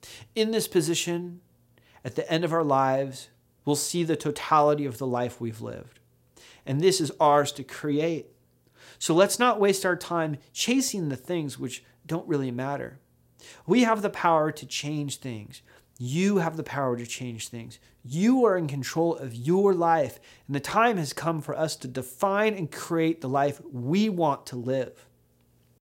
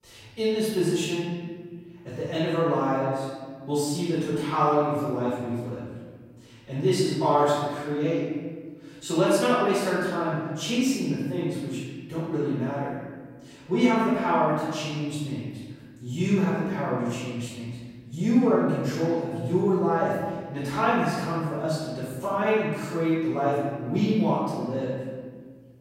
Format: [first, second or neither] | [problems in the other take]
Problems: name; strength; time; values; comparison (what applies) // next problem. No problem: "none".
first | off-mic speech; far // room echo; strong; dies away in 1.5 s